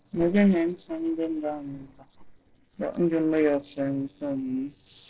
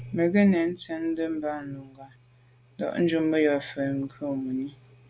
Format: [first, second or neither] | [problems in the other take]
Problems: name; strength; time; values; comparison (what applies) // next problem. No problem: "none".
second | noise reduction (neural separator model SepFormer DNS4)